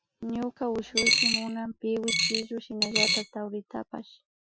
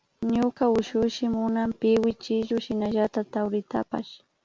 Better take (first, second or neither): second